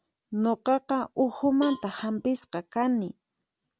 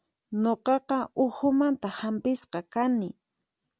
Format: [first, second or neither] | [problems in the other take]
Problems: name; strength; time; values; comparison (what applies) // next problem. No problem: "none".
second | background sound (Cowbell); 19 dB below the speech